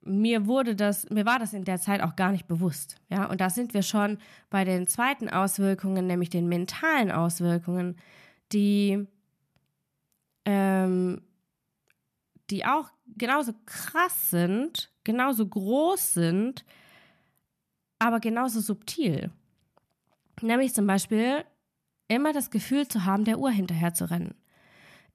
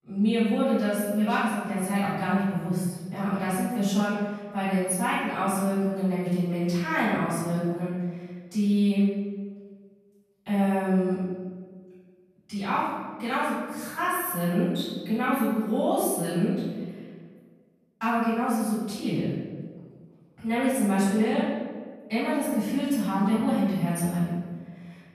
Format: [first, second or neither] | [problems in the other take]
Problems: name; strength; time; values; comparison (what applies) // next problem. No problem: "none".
first | off-mic speech; far // room echo; strong; dies away in 1.4 s